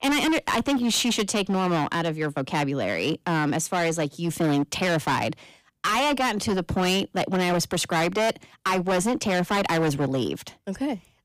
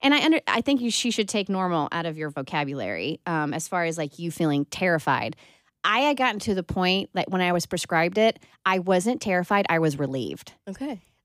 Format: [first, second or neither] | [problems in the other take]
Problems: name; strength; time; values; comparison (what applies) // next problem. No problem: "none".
second | distortion; heavy; 19% of the sound clipped